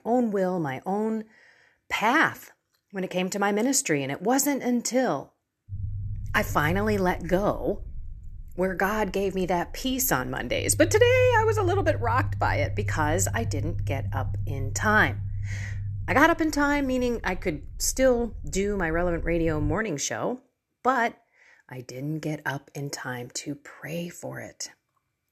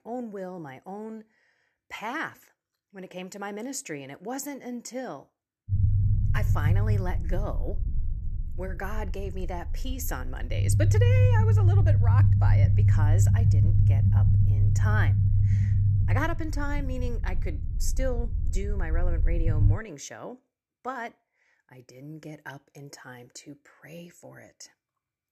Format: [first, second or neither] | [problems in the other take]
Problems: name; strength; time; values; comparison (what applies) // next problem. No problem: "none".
first | low rumble; loud; from 5.5 to 20 s; 2 dB below the speech; faint in the first